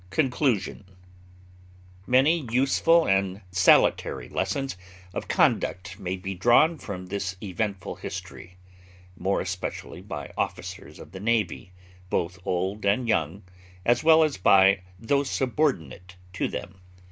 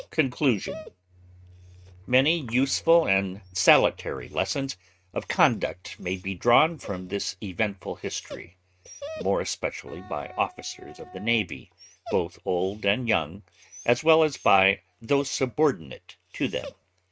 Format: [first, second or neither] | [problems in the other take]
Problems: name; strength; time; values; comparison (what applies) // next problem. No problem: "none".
first | noise reduction (neural mask model RNNoise)